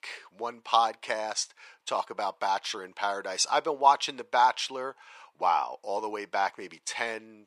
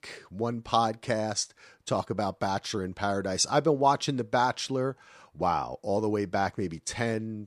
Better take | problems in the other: second | thin; very; fading below 550 Hz

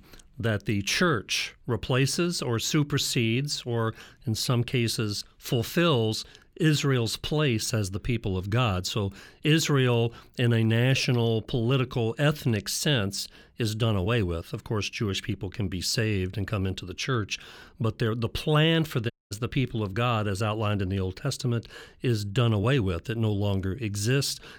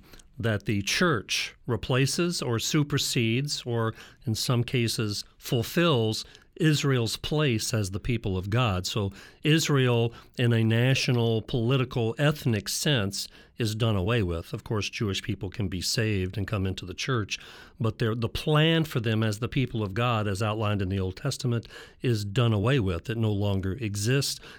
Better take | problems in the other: second | audio cutting out; at 19 s

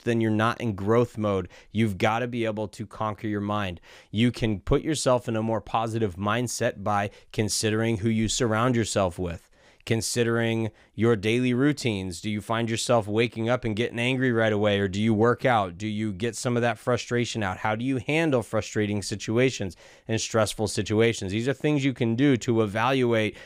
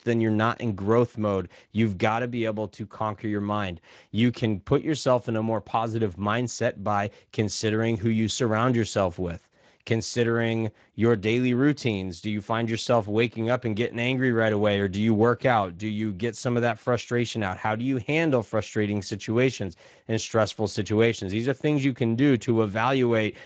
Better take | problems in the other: first | garbled, watery; slightly; nothing above 7.5 kHz

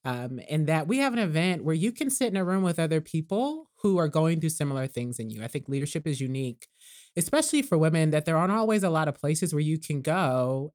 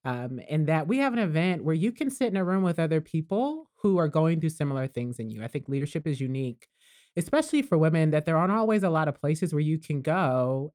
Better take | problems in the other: first | muffled; slightly; fading above 3.5 kHz

